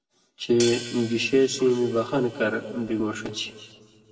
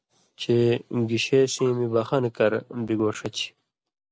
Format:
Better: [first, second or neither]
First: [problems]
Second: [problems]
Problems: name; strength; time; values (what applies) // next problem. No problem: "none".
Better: second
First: background sound (Hi-hat); 15 dB below the speech // room echo; dies away in 1.6 s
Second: none